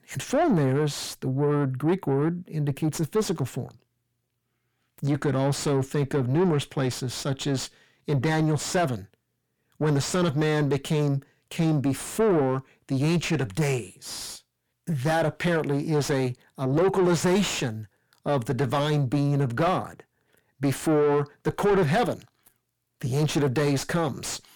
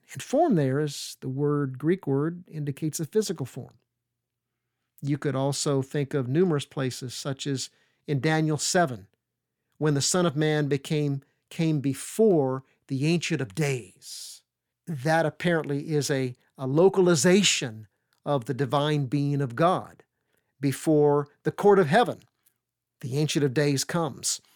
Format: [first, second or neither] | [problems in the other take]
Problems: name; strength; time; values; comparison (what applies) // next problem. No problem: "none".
second | distortion; heavy; 7 dB below the speech